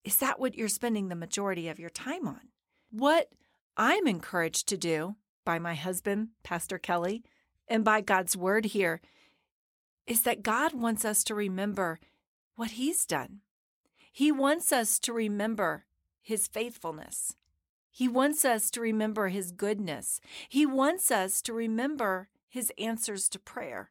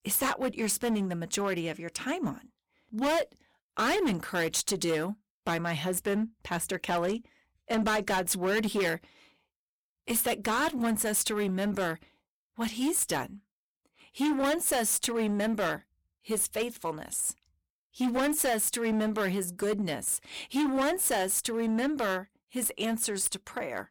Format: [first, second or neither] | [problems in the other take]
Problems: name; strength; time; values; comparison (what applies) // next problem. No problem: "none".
first | distortion; heavy; 13% of the sound clipped